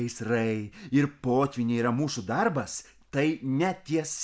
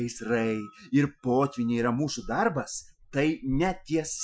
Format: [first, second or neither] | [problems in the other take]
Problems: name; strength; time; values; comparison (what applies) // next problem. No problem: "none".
first | noise reduction (classical method Wiener filter)